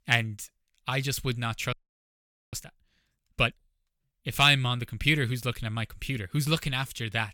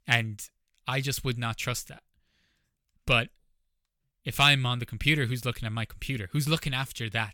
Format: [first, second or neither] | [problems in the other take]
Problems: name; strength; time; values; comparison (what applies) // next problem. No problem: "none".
second | audio freezing; at 1.5 s for 1 s